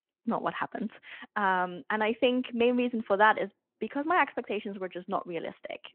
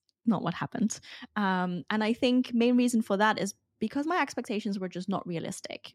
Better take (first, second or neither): second